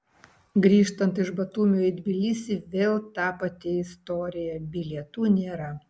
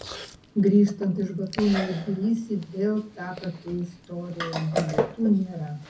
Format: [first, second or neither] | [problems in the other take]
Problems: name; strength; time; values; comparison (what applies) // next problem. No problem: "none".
first | background sound (Chewing, mastication); 9 dB below the speech // room echo; dies away in 0.3 s